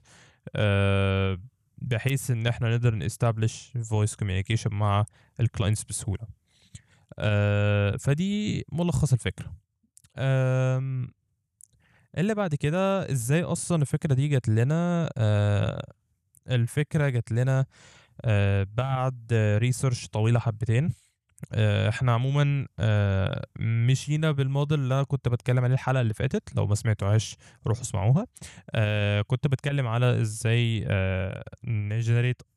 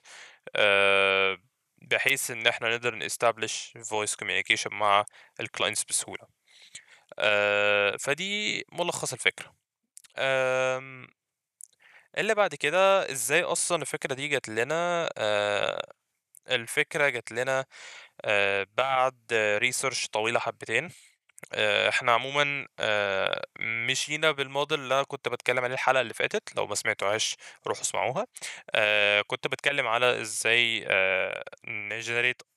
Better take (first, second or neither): first